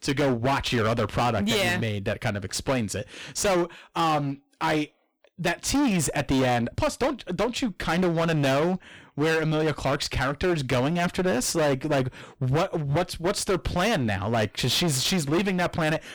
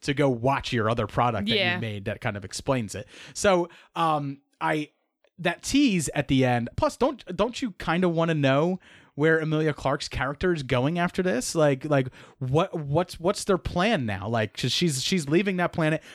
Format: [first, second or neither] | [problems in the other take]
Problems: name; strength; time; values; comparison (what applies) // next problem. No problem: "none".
second | distortion; heavy; 23% of the sound clipped